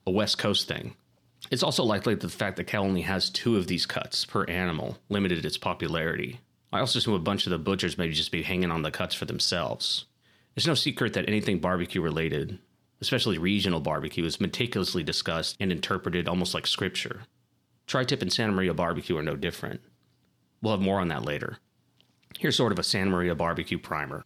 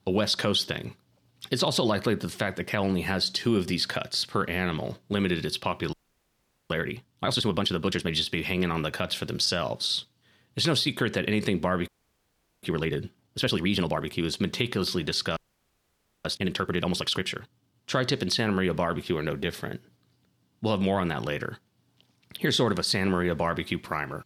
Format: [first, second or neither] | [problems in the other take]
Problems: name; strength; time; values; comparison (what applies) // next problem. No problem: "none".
first | audio freezing; at 6 s for 1 s, at 12 s for 1 s and at 15 s for 1 s